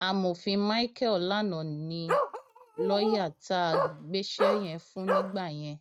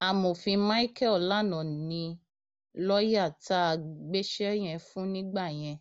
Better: second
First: noise reduction (neural mask model RNNoise)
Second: none

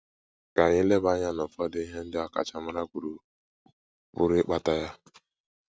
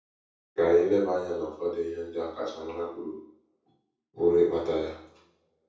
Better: first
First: none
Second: room echo; dies away in 0.6 s

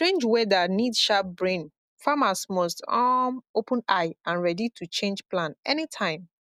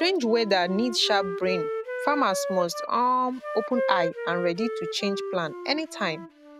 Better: first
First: none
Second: background sound (Wind instrument, woodwind instrument); 6 dB below the speech

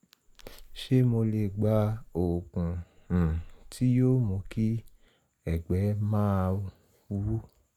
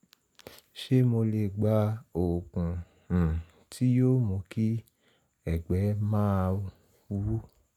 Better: second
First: background sound (Meow); 19 dB below the speech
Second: none

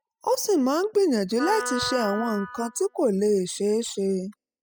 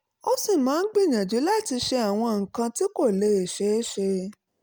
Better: second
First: noise reduction (classical method spectral subtraction)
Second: none

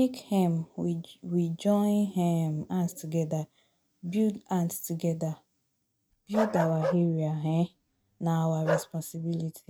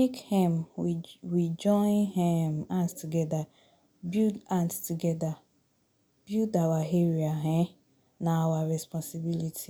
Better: second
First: noise reduction (neural mask model RNNoise)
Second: none

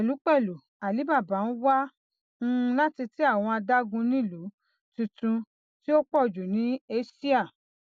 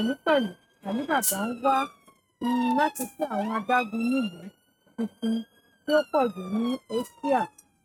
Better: first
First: none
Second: noise reduction (neural mask model RNNoise)

